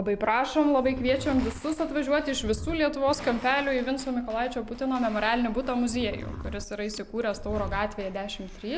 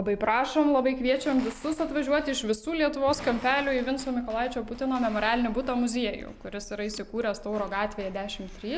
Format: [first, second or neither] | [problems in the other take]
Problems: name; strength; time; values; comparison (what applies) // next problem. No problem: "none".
second | background sound (Livestock, farm animals, working animals); 12 dB below the speech